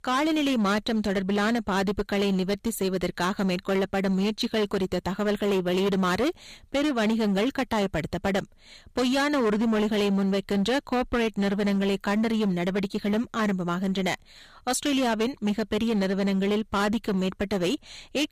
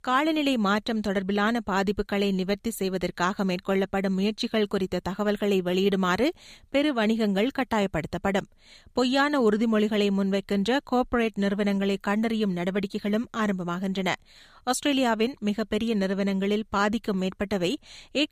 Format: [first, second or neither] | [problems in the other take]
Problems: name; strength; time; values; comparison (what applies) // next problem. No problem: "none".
second | distortion; slight; 17% of the sound clipped